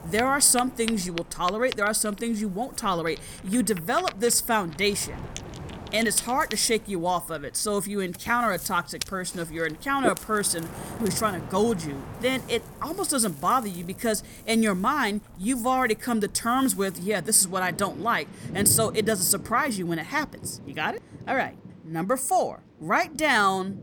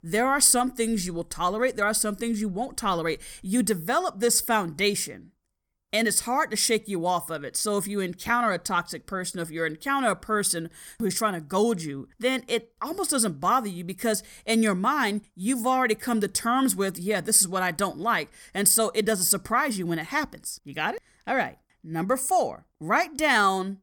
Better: second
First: rain or running water; noticeable; throughout; 15 dB below the speech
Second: none

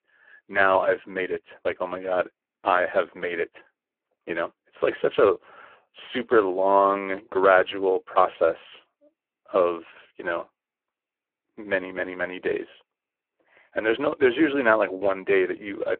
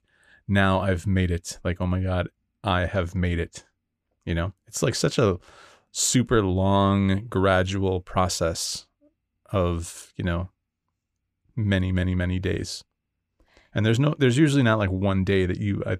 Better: second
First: phone-call audio; poor line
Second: none

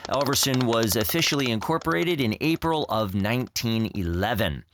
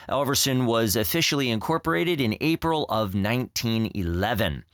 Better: second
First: machinery noise; noticeable; throughout; 10 dB below the speech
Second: none

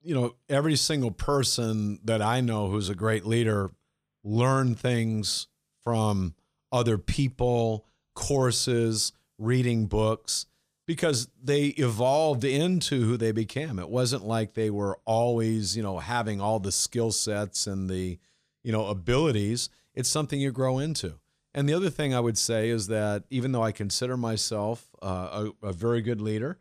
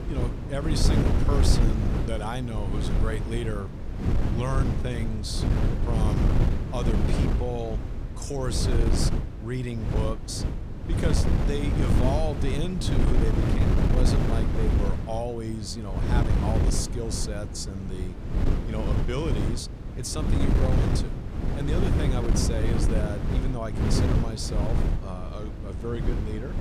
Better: first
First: none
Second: wind noise on the microphone; heavy; 1 dB below the speech

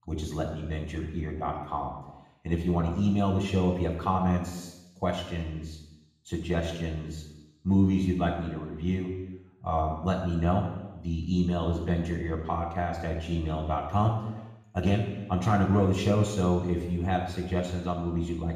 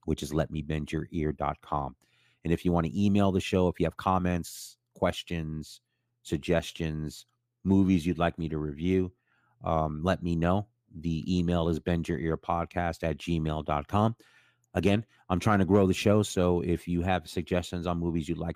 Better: second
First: room echo; noticeable; dies away in 1 s // off-mic speech; far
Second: none

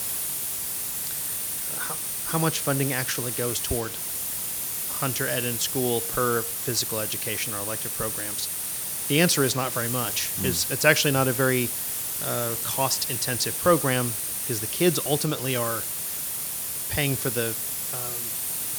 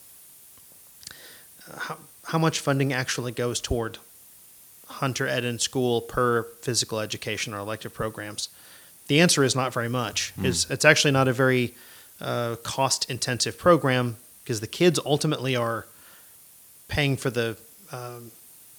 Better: second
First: hiss; loud; throughout; 1 dB below the speech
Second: hiss; faint; throughout; 25 dB below the speech

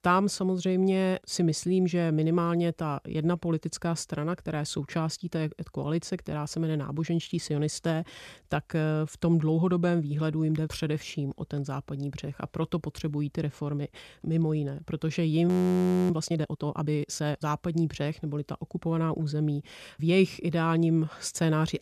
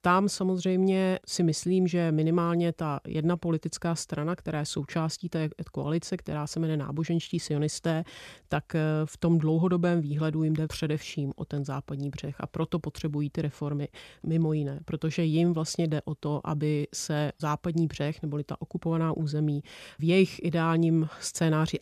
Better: second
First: audio freezing; at 15 s for 0.5 s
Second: none

